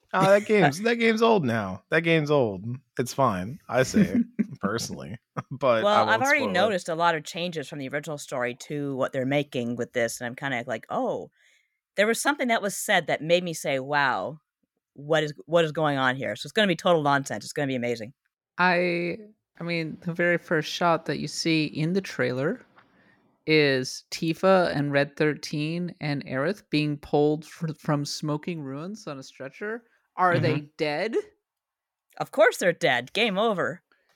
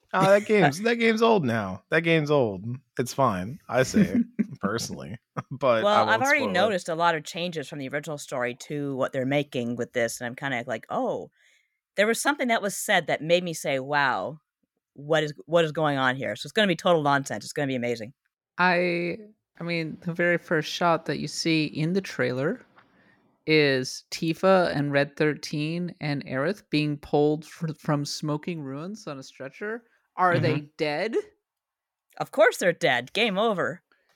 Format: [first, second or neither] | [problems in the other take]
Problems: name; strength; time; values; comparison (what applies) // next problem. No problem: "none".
neither | none